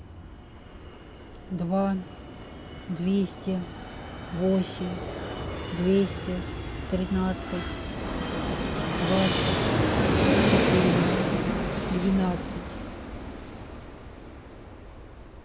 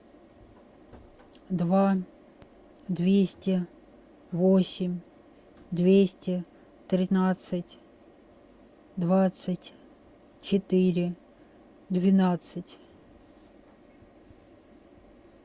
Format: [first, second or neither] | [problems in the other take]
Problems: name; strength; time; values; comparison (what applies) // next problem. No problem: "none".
second | background sound (Fixed-wing aircraft, airplane); 2 dB above the speech